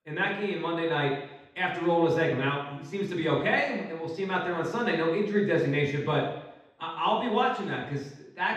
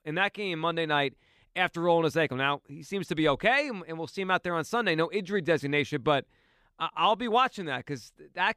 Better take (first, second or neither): second